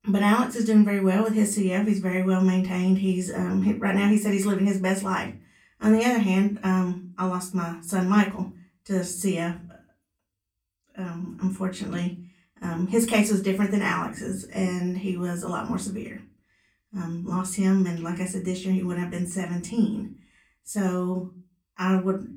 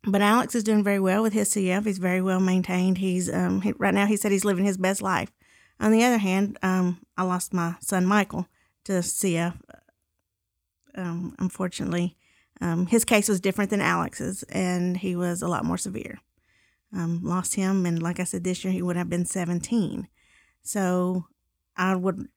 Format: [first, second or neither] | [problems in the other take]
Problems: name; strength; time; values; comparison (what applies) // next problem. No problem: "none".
second | off-mic speech; far // room echo; very slight; dies away in 0.3 s